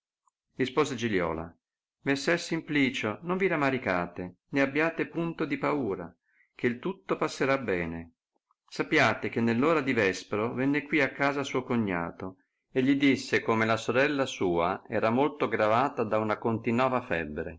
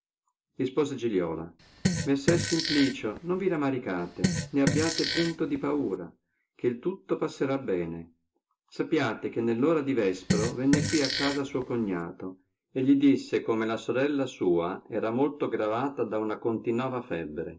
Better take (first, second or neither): first